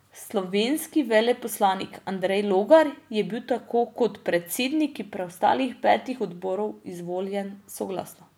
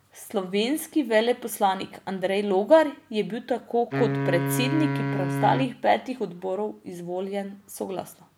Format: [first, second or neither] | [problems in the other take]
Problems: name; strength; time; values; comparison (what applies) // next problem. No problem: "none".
first | background sound (Wind instrument, woodwind instrument); 3 dB below the speech